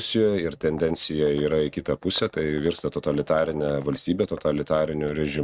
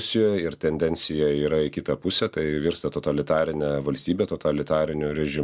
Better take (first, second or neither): second